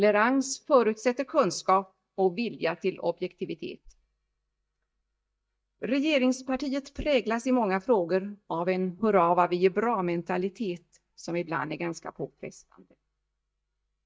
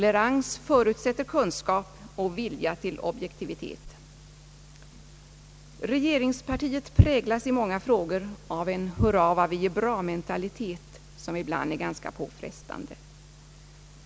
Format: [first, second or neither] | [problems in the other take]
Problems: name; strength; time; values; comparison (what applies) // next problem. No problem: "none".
second | noise reduction (neural mask model DeepFilterNet 3)